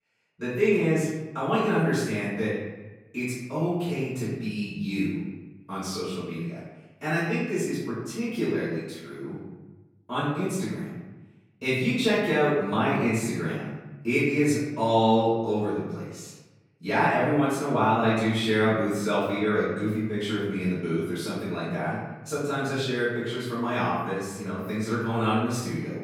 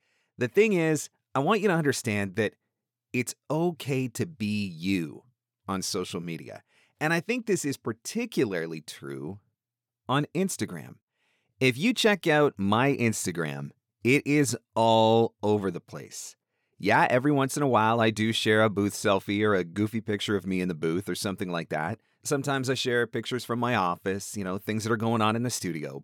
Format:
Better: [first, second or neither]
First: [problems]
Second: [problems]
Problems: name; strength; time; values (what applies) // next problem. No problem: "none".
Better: second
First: off-mic speech; far // room echo; noticeable; dies away in 1.1 s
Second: none